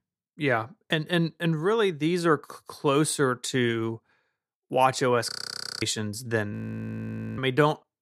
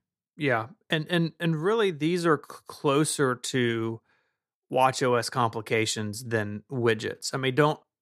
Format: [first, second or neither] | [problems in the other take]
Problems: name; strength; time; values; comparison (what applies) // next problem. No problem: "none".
second | audio freezing; at 5.5 s for 0.5 s and at 6.5 s for 1 s